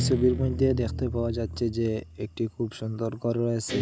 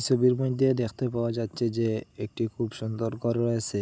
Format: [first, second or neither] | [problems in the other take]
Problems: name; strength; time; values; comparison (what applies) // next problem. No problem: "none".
second | background sound (Guitar); 6 dB below the speech